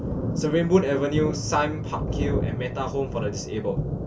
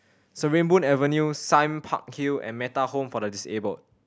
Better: second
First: background sound (Thunder); 3 dB below the speech // room echo; dies away in 0.2 s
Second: none

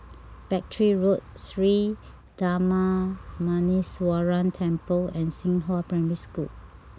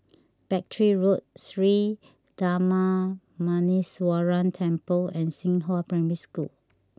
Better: second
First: background sound (Wind); 19 dB below the speech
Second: none

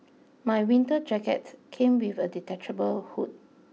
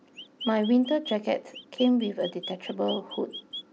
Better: first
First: none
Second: background sound (Chirp, tweet); 13 dB below the speech

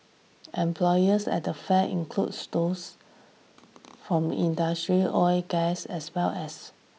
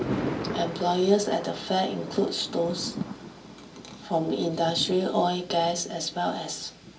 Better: first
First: none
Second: background sound (Thunder); 9 dB below the speech // room echo; dies away in 0.3 s

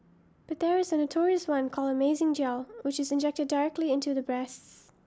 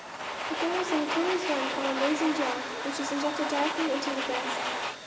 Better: first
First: none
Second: background sound (Domestic sounds, home sounds); 1 dB below the speech // room echo; dies away in 2.5 s

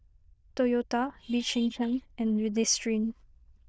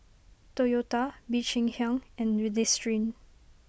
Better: second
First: noise reduction (neural diffusion model UNIVERSE++)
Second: none

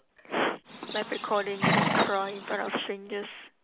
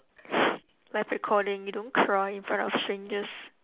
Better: second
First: background sound (Livestock, farm animals, working animals); 1 dB above the speech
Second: none

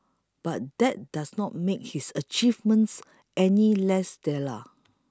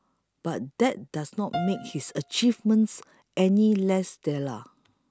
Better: first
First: none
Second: background sound (Piano); 15 dB below the speech

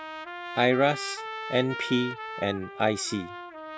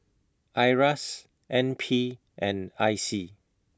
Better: second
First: background sound (Trumpet); 9 dB below the speech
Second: none

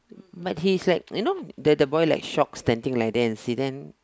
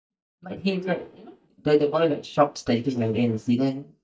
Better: first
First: none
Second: noise reduction (neural mask model DeepFilterNet 3)

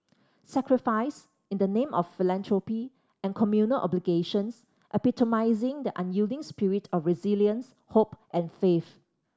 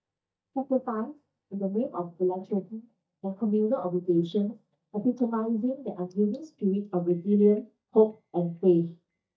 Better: first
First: none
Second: noise reduction (neural mask model DeepFilterNet 3)

